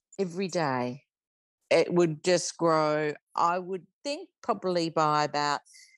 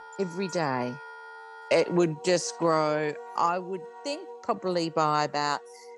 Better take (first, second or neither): first